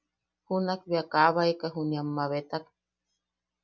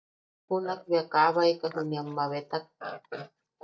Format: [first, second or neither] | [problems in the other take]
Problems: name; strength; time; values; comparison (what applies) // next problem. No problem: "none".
first | noise reduction (neural mask model DeepFilterNet 3)